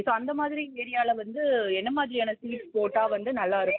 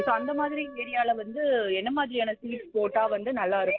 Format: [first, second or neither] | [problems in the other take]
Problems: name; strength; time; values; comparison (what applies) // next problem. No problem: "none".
first | background sound (Piano); 14 dB below the speech